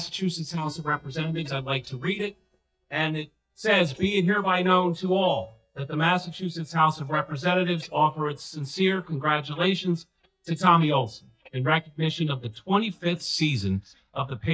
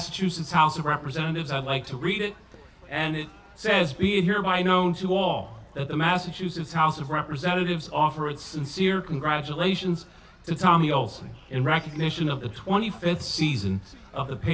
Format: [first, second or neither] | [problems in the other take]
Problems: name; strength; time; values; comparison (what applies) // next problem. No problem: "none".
second | noise reduction (neural mask model DeepFilterNet 3)